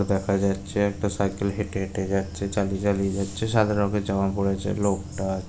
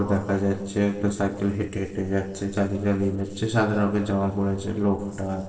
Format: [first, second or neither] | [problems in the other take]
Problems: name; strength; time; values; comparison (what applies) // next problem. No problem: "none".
first | noise reduction (neural separator model SepFormer DNS4)